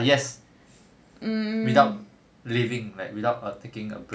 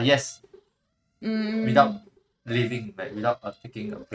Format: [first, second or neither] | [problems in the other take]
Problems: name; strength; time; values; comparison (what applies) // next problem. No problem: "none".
first | noise reduction (neural mask model RNNoise)